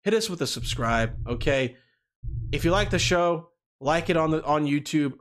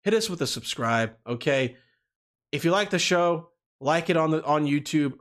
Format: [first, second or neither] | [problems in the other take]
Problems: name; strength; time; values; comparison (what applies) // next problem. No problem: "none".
second | low rumble; faint; at 0.5 s, at 2 s and at 4 s; 25 dB below the speech